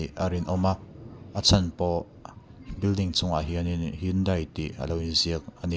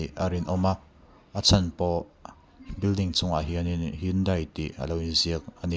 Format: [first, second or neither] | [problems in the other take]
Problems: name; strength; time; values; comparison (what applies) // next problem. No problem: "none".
second | background sound (Thunder); 20 dB below the speech